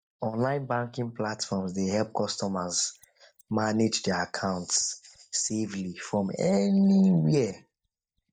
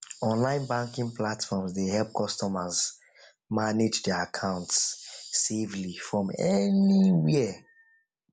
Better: second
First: noise reduction (neural mask model DeepFilterNet 3)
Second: none

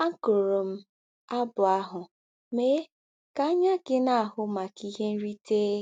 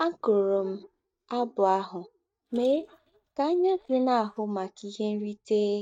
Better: first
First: none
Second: noise reduction (neural mask model DeepFilterNet 3)

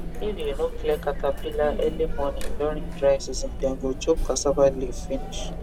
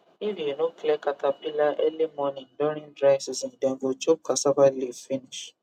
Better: second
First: background sound (Chatter); 3 dB below the speech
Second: none

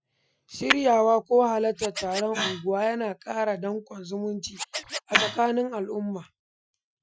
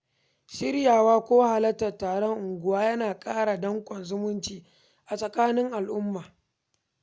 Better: second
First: noise reduction (classical method Wiener filter)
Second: none

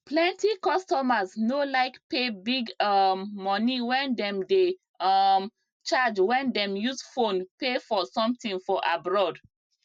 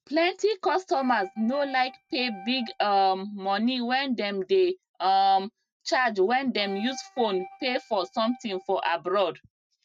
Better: first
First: none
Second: noise reduction (neural mask model RNNoise)

